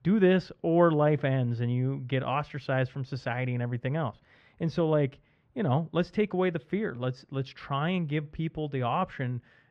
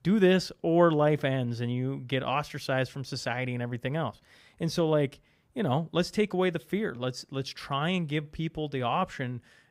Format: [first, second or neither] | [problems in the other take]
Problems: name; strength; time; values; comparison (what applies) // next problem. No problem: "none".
second | muffled; slightly; fading above 2.5 kHz